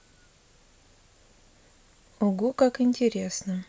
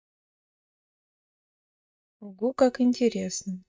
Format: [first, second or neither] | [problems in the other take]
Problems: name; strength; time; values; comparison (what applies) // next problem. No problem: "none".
first | noise reduction (neural mask model DeepFilterNet 3)